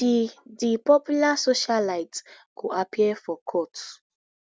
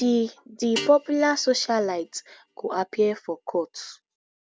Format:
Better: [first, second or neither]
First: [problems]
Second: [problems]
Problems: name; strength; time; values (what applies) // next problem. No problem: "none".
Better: first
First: none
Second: background sound (Guitar); 16 dB below the speech